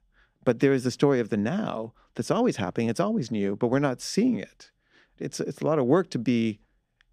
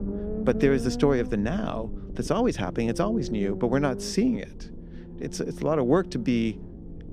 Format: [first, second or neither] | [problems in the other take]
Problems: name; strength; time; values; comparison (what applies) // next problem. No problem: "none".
first | low rumble; noticeable; throughout; 15 dB below the speech